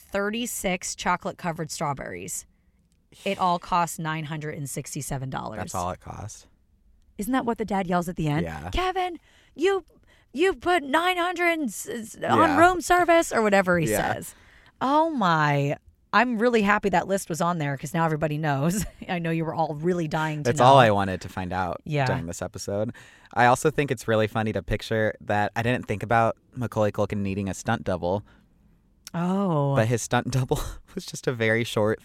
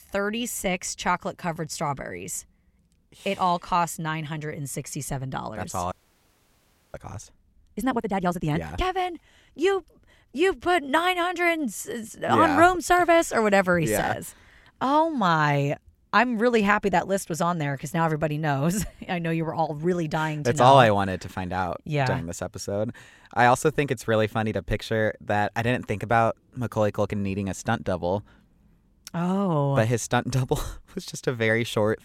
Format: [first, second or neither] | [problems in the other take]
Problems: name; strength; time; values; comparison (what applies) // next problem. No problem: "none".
first | audio freezing; at 6 s for 1 s